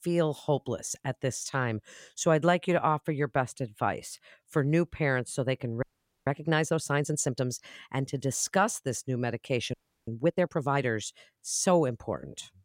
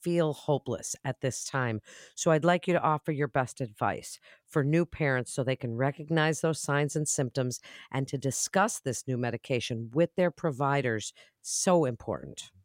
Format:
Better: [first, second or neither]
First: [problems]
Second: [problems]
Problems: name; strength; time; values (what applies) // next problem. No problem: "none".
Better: second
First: audio freezing; at 6 s and at 9.5 s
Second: none